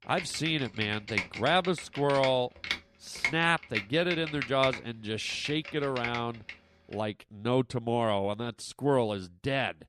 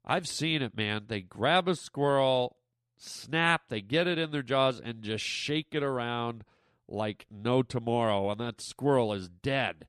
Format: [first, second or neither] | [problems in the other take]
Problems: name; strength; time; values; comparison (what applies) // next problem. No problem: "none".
second | keyboard typing; noticeable; until 6.5 s; peak 2 dB below the speech